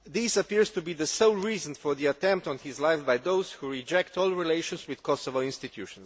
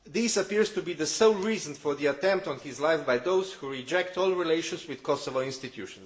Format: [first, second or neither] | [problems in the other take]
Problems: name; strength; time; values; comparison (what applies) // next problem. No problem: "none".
first | room echo; dies away in 0.6 s